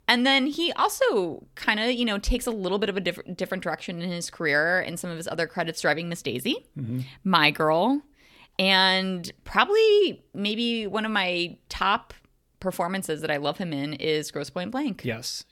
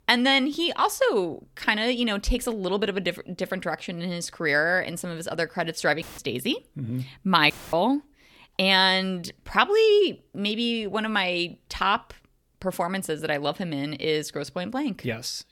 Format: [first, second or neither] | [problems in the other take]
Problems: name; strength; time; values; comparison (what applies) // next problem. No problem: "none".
first | audio cutting out; filled with static; at 6 s and at 7.5 s